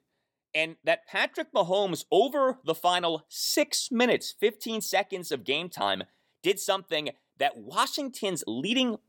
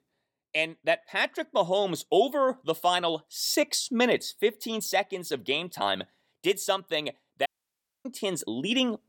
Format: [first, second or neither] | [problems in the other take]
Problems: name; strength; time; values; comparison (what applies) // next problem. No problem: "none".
first | audio cutting out; at 7.5 s for 0.5 s